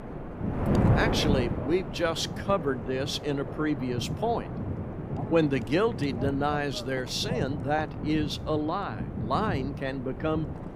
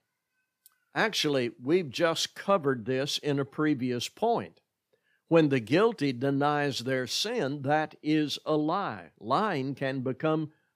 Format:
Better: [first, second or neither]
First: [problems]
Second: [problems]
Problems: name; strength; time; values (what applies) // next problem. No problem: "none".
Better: second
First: wind noise on the microphone; heavy; 7 dB below the speech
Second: none